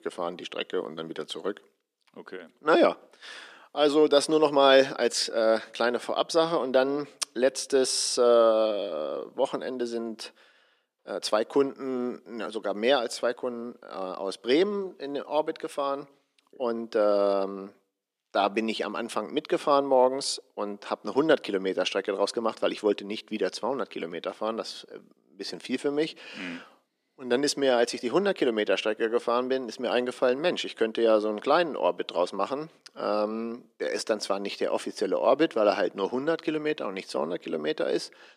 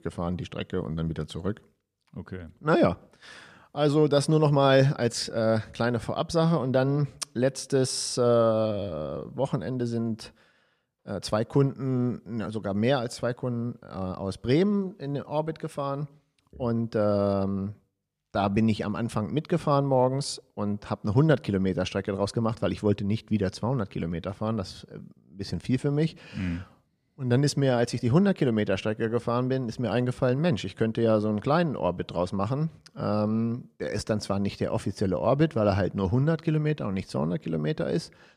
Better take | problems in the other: second | thin; somewhat; fading below 300 Hz

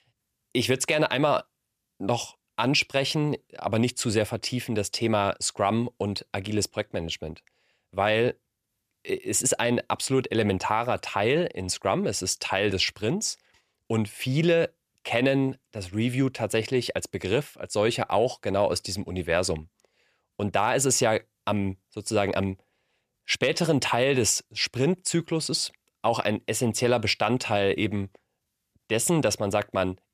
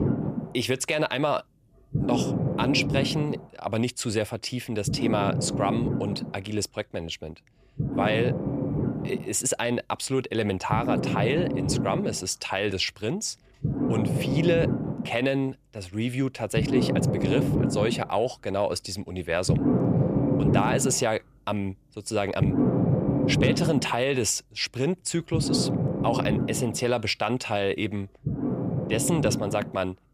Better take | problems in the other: first | low rumble; loud; throughout; 4 dB below the speech

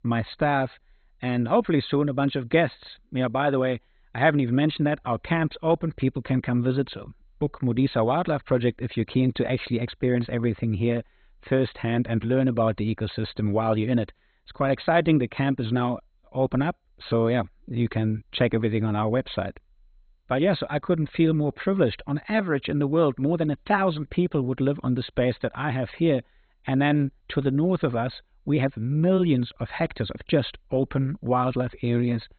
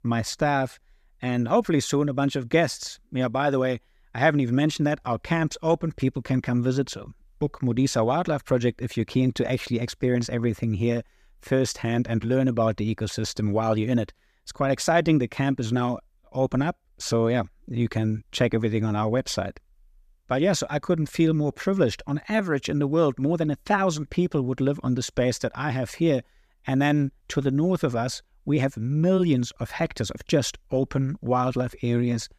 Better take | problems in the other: second | garbled, watery; badly; nothing above 4 kHz

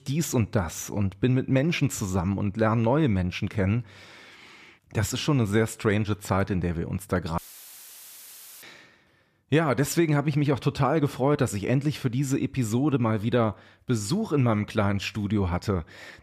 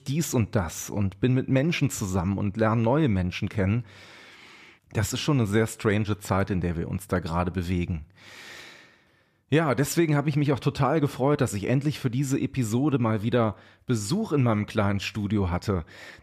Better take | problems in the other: second | audio cutting out; filled with static; at 7.5 s for 1 s

